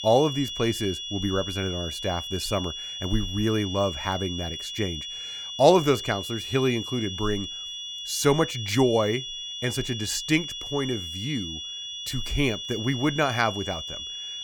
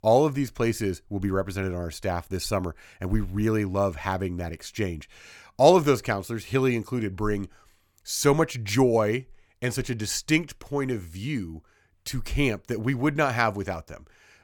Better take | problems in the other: second | high-pitched whine; loud; throughout; 3.5 kHz, 6 dB below the speech

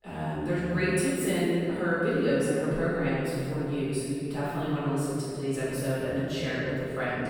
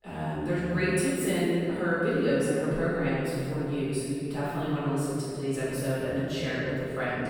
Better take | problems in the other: neither | room echo; strong; dies away in 2.9 s; the same in both // off-mic speech; far; the same in both

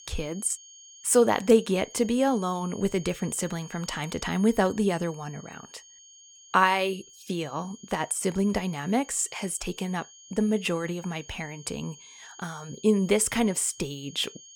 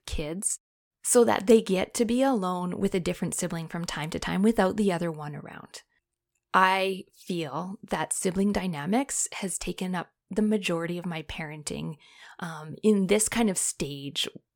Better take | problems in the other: second | high-pitched whine; faint; throughout; 6.5 kHz, 20 dB below the speech

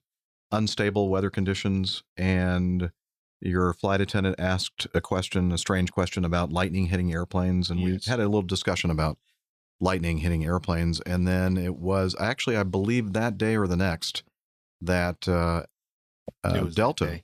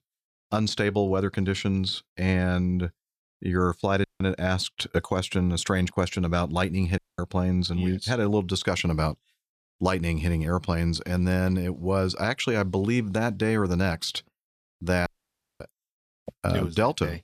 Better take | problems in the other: first | audio cutting out; at 4 s, at 7 s and at 15 s for 0.5 s

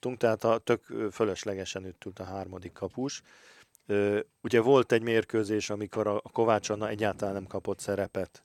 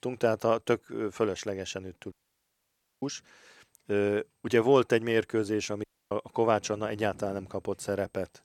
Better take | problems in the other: first | audio cutting out; at 2 s for 1 s and at 6 s

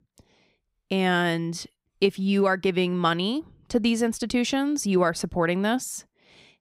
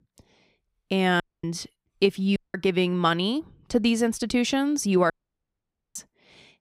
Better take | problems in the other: first | audio cutting out; at 1 s, at 2.5 s and at 5 s for 1 s

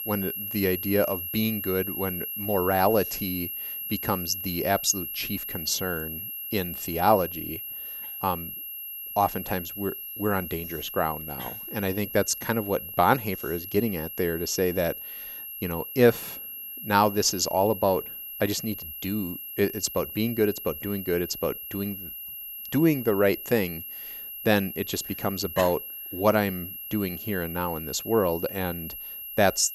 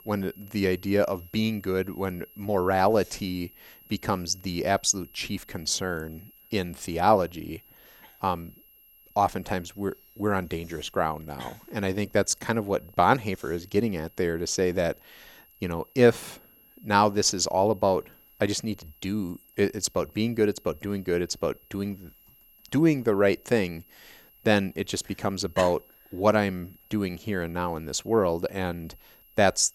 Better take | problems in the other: second | high-pitched whine; loud; throughout; 11.5 kHz, 7 dB below the speech; faint in the second

